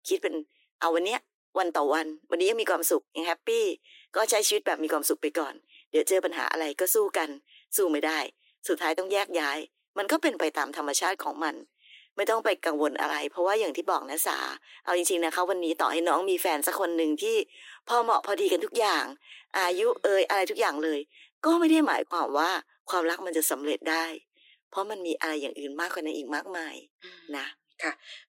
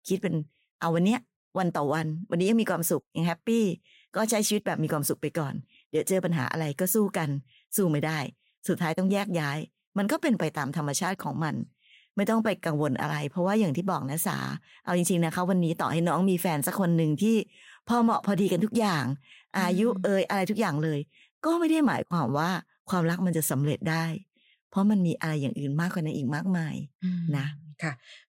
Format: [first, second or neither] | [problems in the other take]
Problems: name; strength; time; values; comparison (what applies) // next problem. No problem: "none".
second | thin; very; fading below 300 Hz